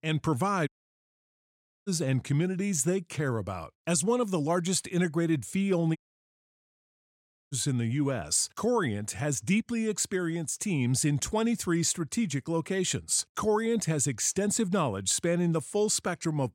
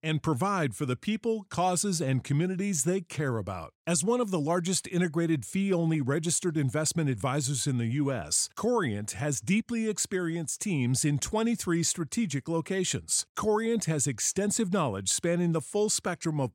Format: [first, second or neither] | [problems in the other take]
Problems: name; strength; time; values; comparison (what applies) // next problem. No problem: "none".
second | audio cutting out; at 0.5 s for 1 s and at 6 s for 1.5 s